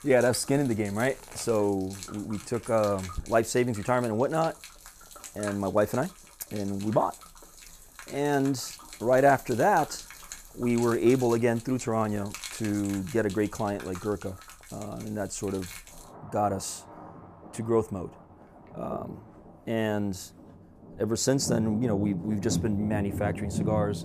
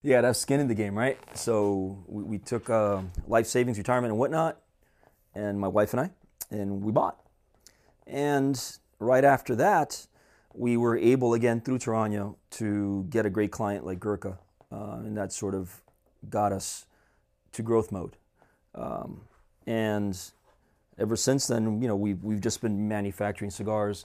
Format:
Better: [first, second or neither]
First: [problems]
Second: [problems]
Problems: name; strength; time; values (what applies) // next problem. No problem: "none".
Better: second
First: rain or running water; noticeable; throughout; 15 dB below the speech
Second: none